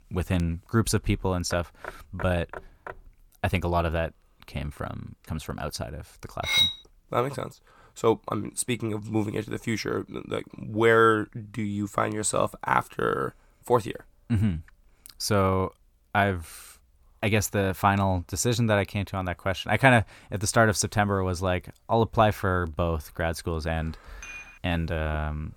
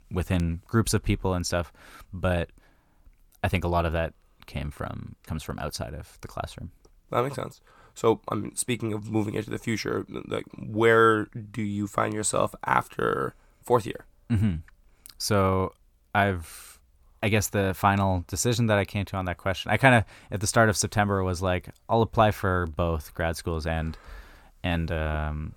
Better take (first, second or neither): second